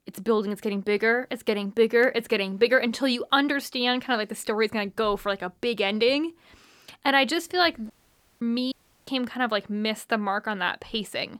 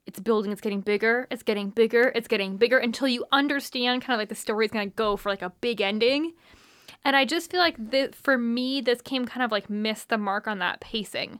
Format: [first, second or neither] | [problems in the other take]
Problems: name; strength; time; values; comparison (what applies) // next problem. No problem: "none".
second | audio cutting out; at 8 s for 0.5 s and at 8.5 s